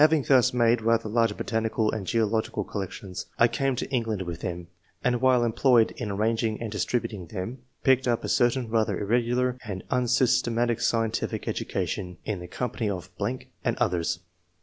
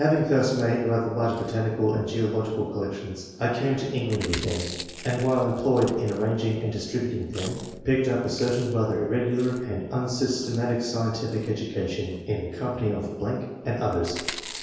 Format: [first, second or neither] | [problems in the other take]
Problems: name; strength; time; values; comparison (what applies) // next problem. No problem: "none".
first | background sound (Chewing, mastication); 18 dB below the speech // room echo; dies away in 1.2 s